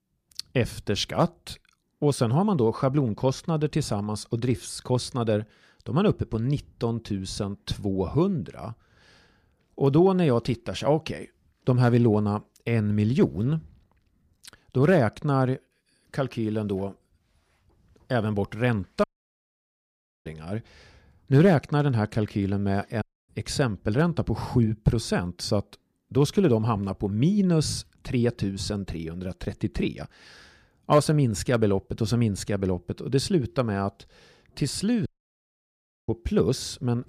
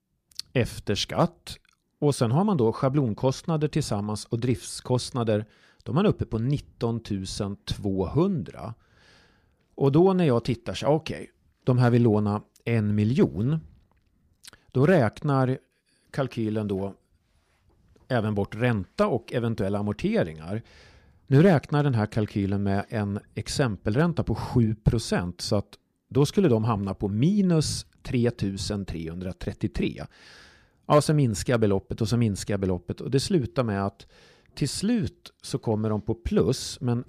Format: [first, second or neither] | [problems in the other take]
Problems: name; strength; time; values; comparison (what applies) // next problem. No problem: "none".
second | audio cutting out; at 19 s for 1 s, at 23 s and at 35 s for 1 s